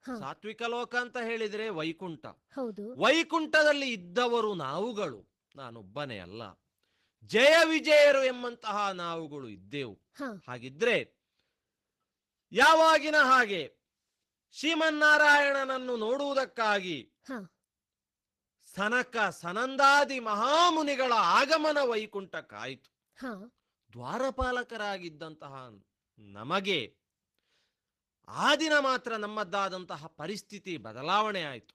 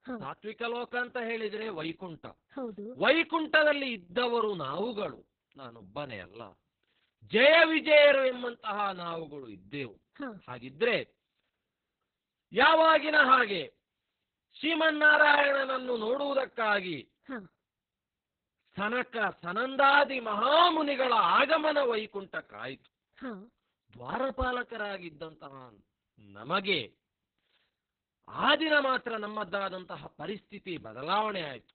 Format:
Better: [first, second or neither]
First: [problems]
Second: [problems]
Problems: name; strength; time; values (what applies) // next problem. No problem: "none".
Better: first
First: garbled, watery; slightly; nothing above 14.5 kHz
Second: garbled, watery; badly; nothing above 4 kHz